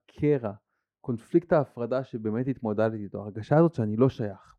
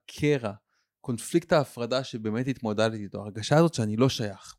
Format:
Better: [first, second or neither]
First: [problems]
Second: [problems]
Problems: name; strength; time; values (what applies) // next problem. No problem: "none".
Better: second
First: muffled; very; fading above 2.5 kHz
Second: none